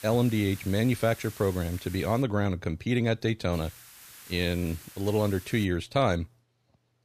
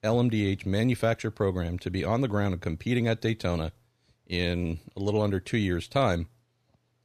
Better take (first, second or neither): second